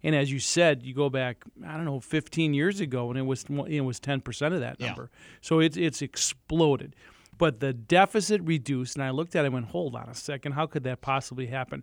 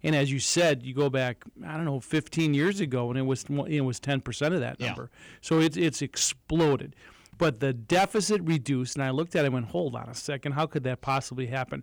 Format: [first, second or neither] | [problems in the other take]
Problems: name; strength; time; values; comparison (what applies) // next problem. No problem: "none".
first | distortion; slight; 5% of the sound clipped